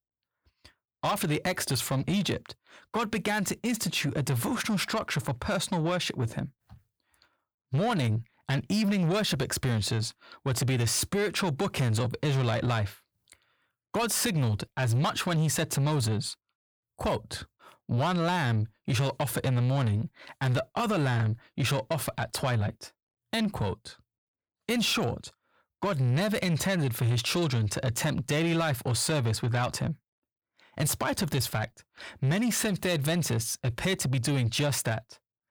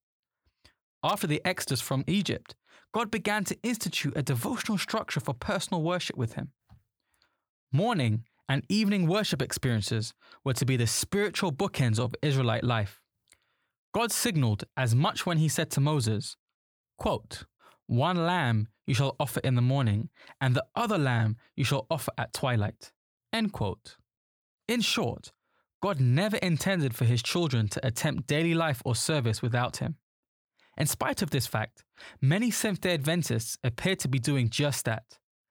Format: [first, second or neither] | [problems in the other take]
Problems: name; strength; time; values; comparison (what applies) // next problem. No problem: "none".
second | distortion; slight; 10 dB below the speech